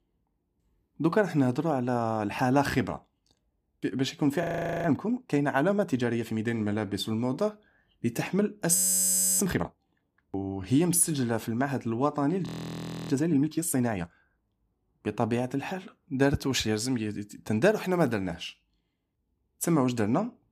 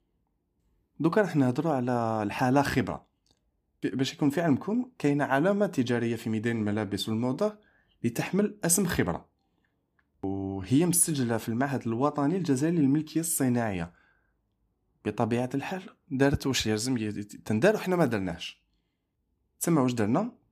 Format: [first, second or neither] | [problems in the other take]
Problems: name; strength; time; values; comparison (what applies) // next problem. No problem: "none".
second | audio freezing; at 4.5 s, at 9 s for 0.5 s and at 12 s for 0.5 s